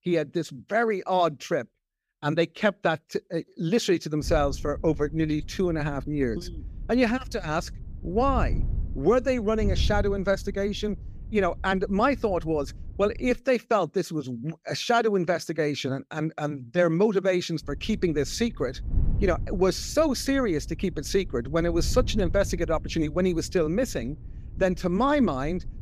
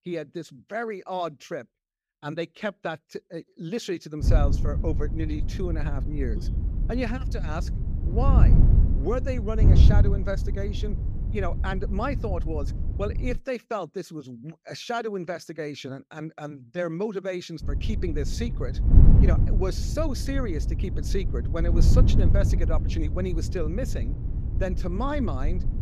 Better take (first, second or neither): first